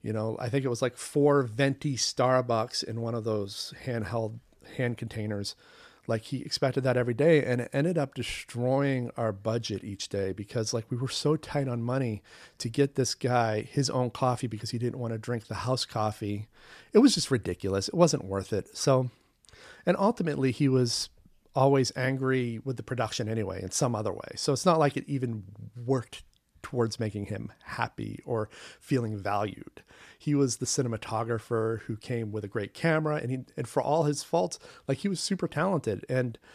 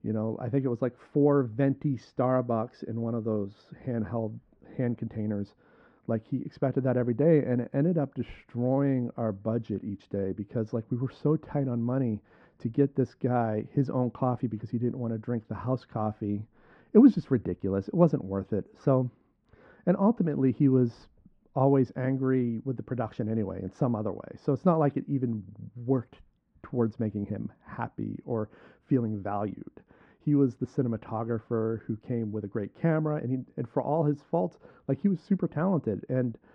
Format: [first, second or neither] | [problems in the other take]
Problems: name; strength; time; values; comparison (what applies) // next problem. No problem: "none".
first | muffled; very; fading above 1 kHz